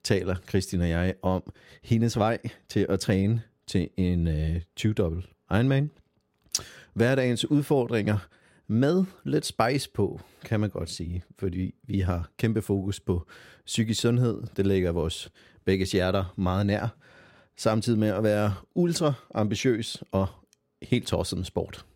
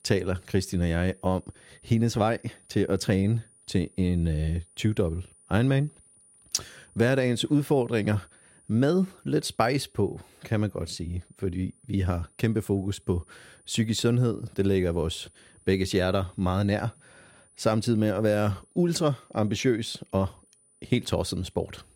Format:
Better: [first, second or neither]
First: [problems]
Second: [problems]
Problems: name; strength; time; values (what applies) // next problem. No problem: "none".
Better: first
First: none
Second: high-pitched whine; faint; throughout; 9.5 kHz, 30 dB below the speech